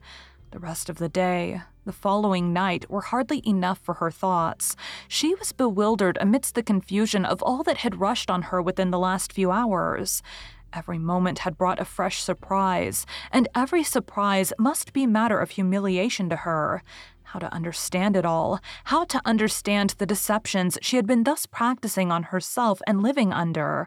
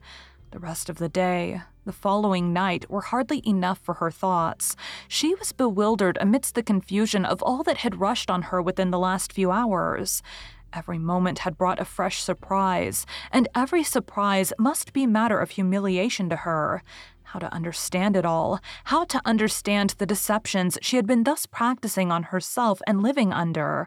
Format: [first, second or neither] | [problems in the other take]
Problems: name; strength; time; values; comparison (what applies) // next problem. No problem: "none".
neither | none